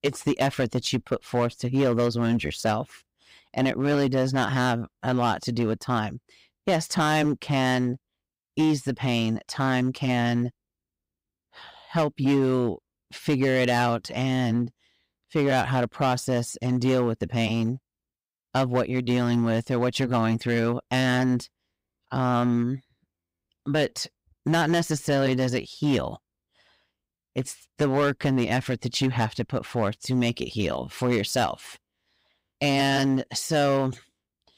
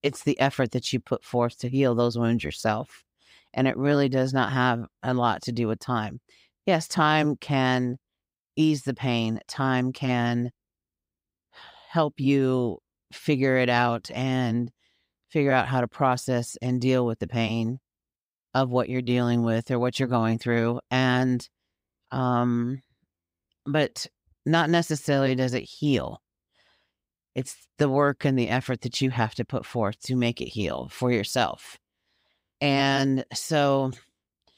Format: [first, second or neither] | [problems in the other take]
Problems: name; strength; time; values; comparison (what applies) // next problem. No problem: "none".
second | distortion; slight; 6% of the sound clipped